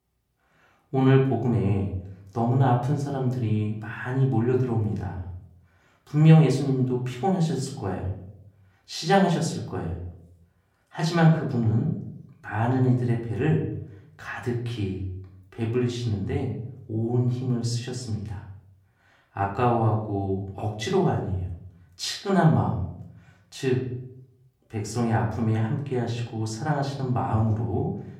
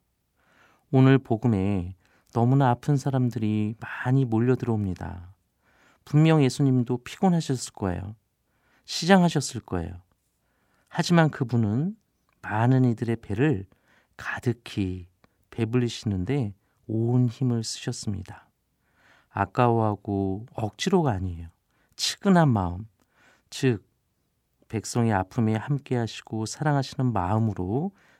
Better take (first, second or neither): second